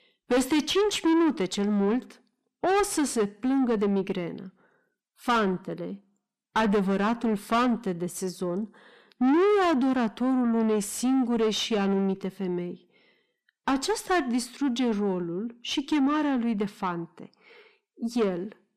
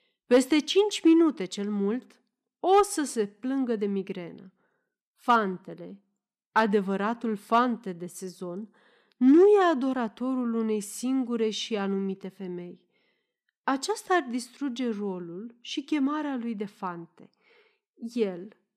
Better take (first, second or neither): second